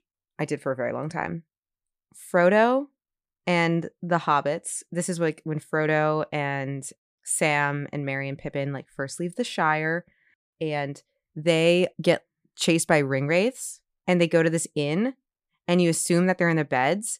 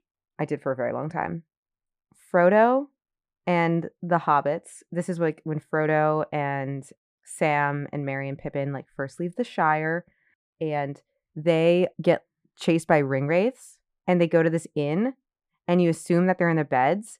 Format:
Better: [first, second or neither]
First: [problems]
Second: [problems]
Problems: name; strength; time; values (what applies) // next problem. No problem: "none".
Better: first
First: none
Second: muffled; slightly; fading above 3 kHz